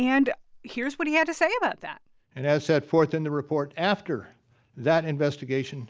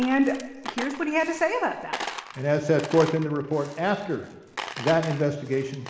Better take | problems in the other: first | background sound (Coin (dropping)); 13 dB below the speech // room echo; dies away in 1 s

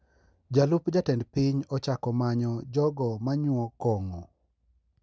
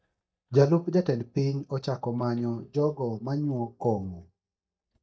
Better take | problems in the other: first | noise reduction (neural mask model DeepFilterNet 3)

